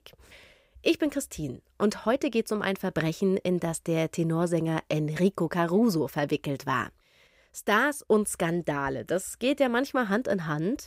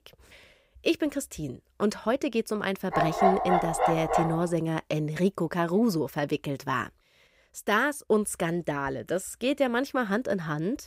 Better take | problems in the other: first | dog barking; loud; from 3 to 4.5 s; peak 4 dB above the speech

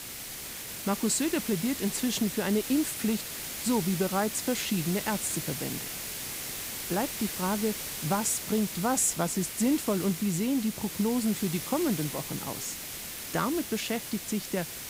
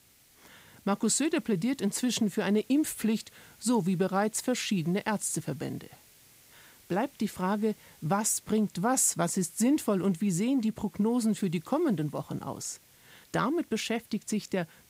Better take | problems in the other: second | hiss; loud; throughout; 5 dB below the speech; faint in the second

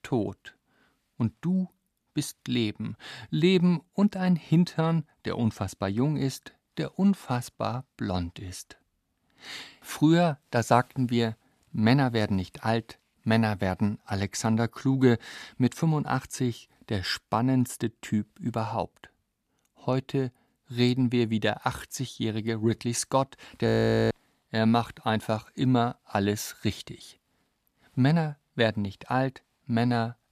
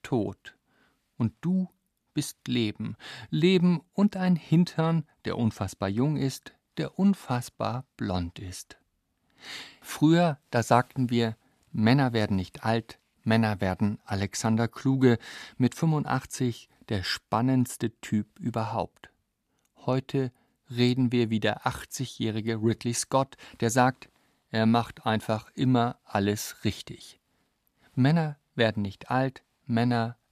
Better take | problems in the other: second | audio freezing; at 24 s

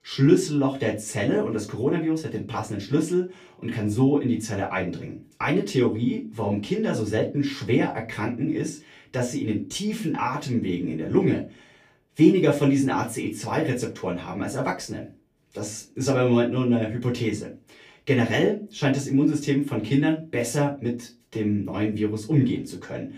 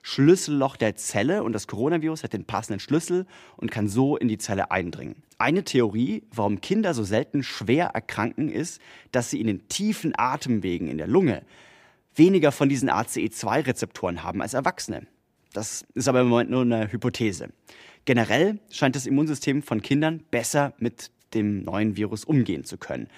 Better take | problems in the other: second | off-mic speech; far // room echo; very slight; dies away in 0.2 s

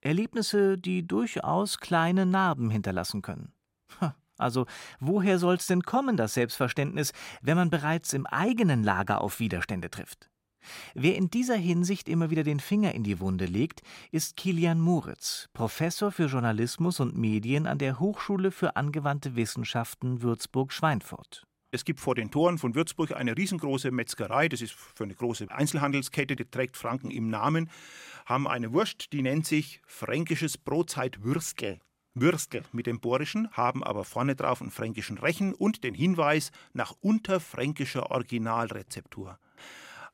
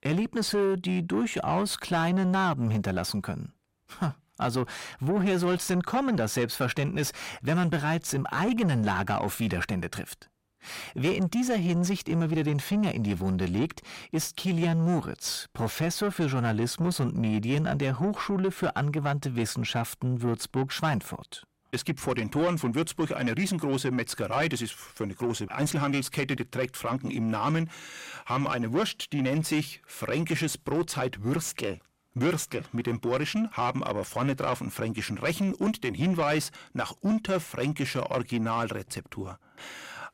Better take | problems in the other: first | distortion; slight; 10 dB below the speech

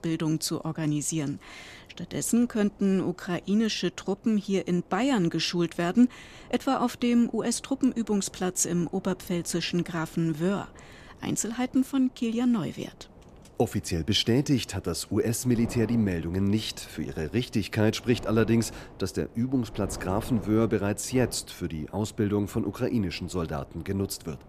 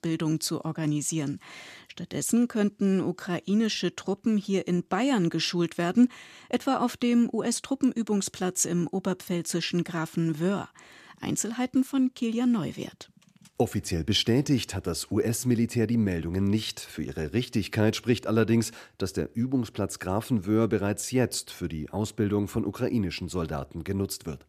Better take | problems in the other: second | wind noise on the microphone; occasional gusts; 20 dB below the speech

